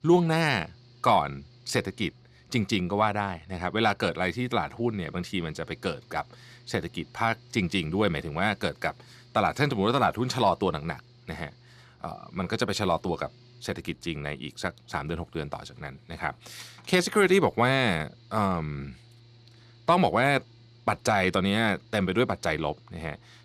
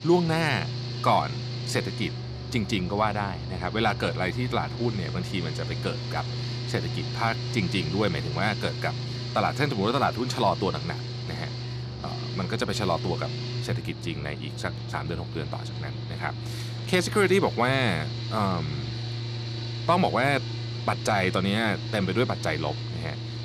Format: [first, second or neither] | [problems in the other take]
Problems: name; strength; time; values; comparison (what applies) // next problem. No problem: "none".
first | machinery noise; loud; throughout; 5 dB below the speech; faint in the first